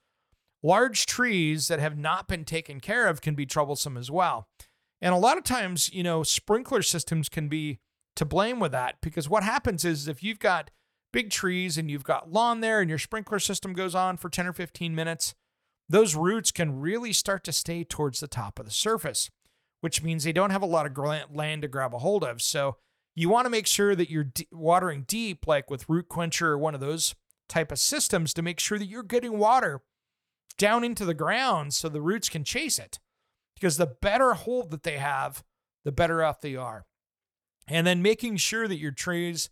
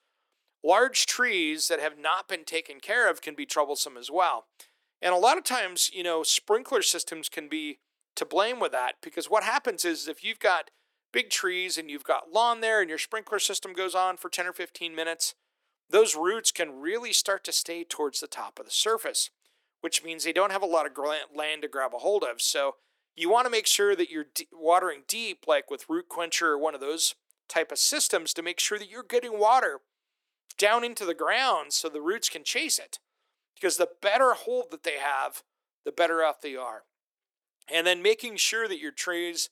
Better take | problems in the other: first | thin; very; fading below 300 Hz

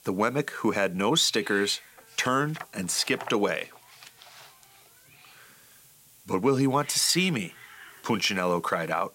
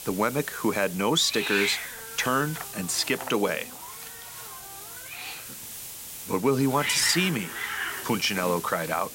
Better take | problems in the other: first | hiss; loud; throughout; 7 dB below the speech; faint in the first

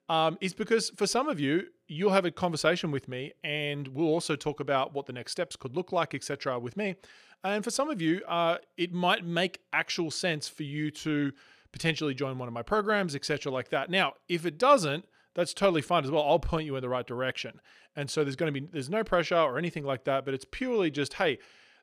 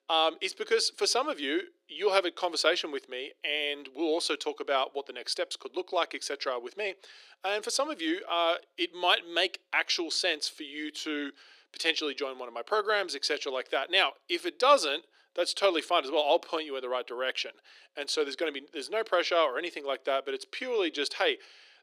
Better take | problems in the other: first | thin; somewhat; fading below 300 Hz

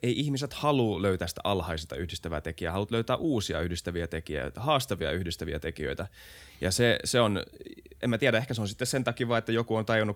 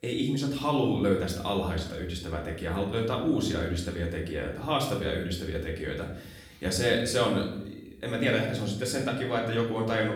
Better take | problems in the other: first | room echo; slight; dies away in 0.7 s // off-mic speech; far

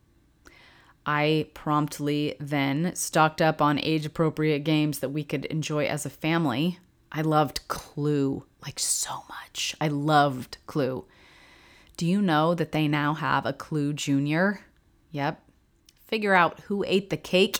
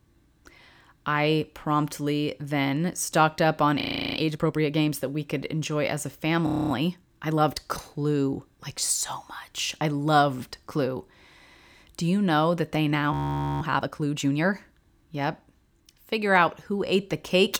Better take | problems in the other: first | audio freezing; at 4 s, at 6.5 s and at 13 s

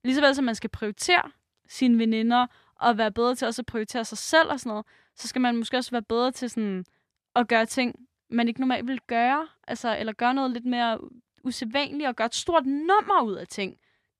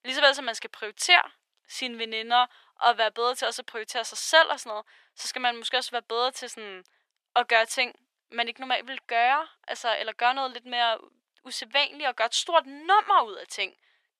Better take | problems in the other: first | thin; very; fading below 550 Hz

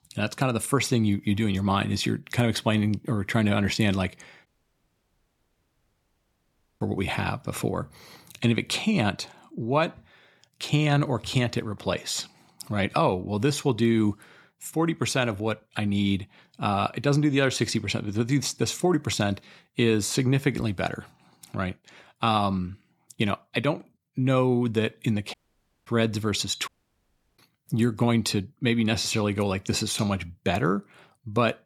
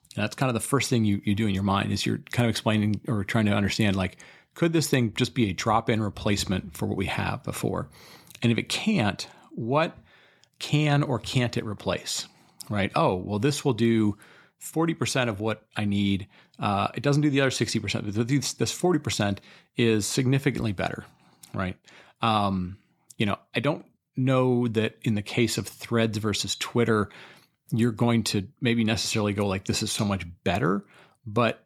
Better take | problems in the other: second | audio cutting out; at 4.5 s for 2.5 s, at 25 s for 0.5 s and at 27 s for 0.5 s

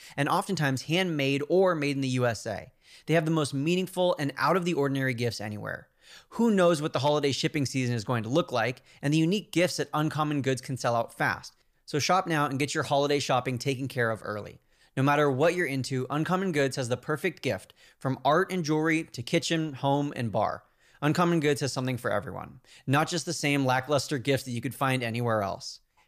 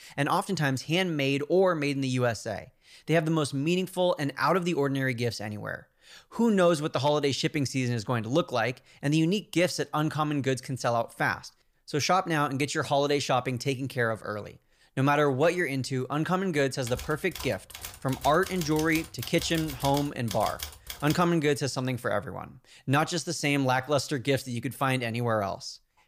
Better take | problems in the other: first | keyboard typing; noticeable; from 17 to 21 s; peak 9 dB below the speech

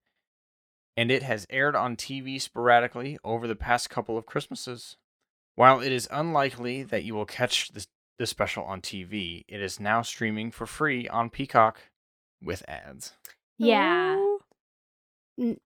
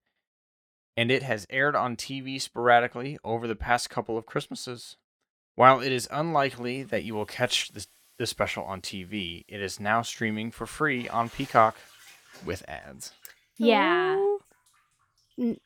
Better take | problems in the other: first | household noises; faint; from 6.5 s on; 30 dB below the speech

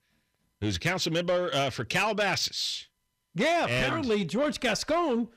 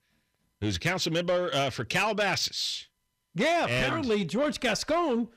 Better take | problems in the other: neither | distortion; slight; 10 dB below the speech; the same in both

